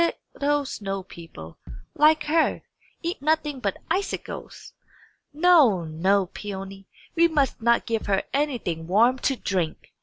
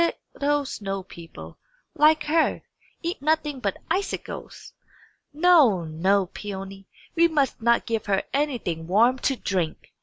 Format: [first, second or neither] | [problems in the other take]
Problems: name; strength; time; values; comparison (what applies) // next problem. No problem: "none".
second | background sound (Bass drum); 10 dB below the speech